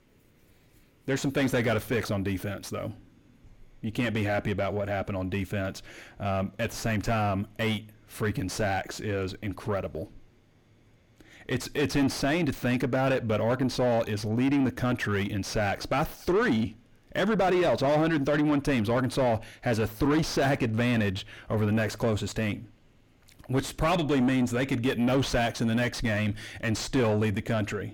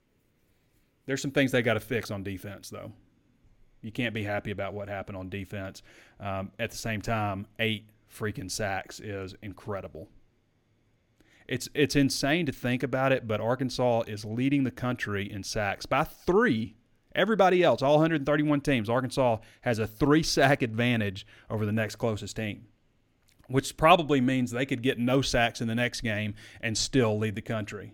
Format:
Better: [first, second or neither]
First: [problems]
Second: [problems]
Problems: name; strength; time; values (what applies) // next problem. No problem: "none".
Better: second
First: distortion; heavy; 6 dB below the speech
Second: none